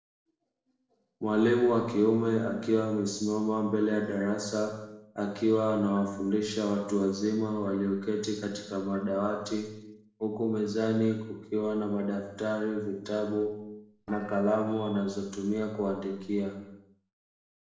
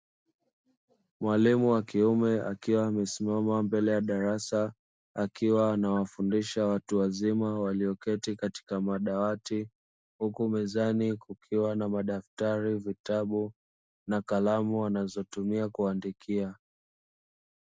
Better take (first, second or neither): second